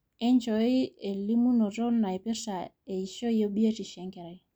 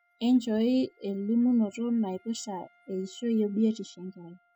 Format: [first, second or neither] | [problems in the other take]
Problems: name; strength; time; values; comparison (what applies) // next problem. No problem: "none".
first | noise reduction (classical method spectral subtraction)